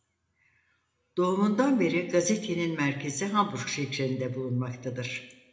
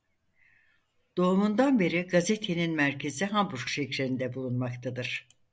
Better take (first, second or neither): second